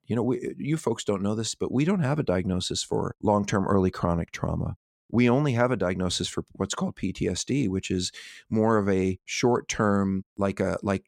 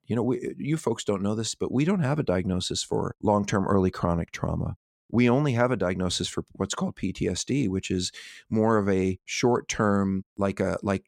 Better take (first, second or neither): neither